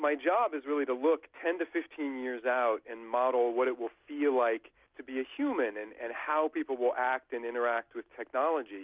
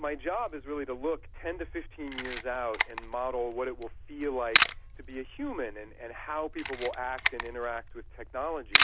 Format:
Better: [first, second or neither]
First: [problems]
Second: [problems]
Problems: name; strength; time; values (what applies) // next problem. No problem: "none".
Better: first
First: none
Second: background sound (Camera); 1 dB above the speech